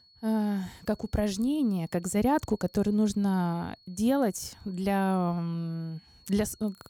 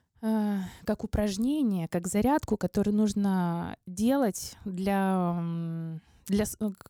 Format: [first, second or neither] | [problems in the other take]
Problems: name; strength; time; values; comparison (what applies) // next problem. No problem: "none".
second | high-pitched whine; faint; throughout; 4.5 kHz, 30 dB below the speech